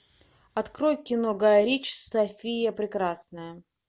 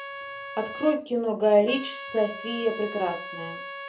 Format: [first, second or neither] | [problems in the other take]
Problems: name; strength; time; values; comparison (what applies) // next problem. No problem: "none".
first | background sound (Trumpet); 12 dB below the speech // room echo; dies away in 0.3 s